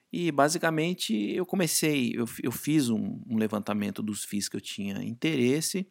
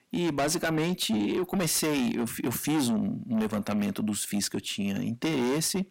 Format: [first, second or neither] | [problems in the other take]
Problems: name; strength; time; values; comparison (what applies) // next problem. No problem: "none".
first | distortion; heavy; 7 dB below the speech